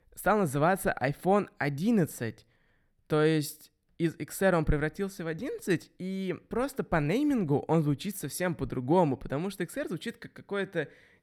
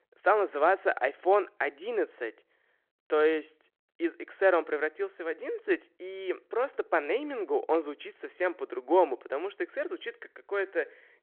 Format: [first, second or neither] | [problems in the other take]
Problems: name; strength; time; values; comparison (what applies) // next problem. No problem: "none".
first | phone-call audio